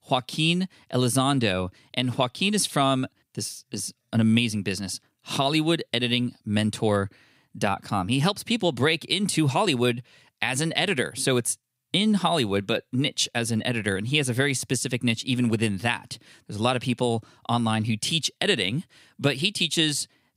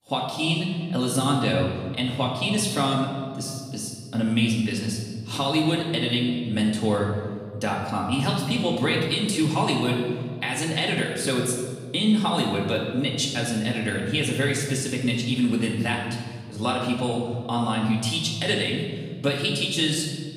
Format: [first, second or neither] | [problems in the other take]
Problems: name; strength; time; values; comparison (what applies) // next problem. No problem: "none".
first | off-mic speech; far // room echo; noticeable; dies away in 1.7 s